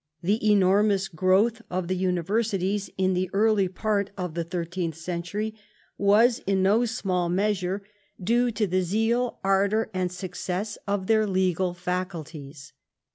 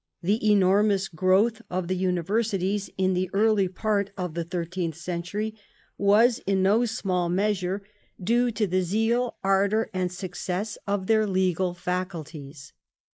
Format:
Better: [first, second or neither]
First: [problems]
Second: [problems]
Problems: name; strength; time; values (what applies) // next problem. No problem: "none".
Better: first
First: none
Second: noise reduction (neural mask model Resemble Enhance denoiser)